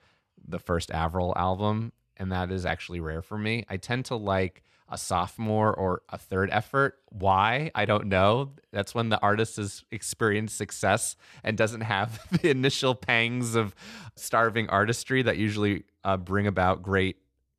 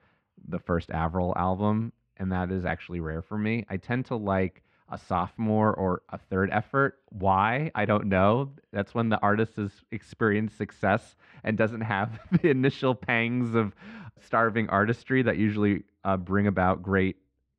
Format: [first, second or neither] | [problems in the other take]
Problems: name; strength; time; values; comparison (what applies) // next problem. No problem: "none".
first | muffled; very; fading above 2 kHz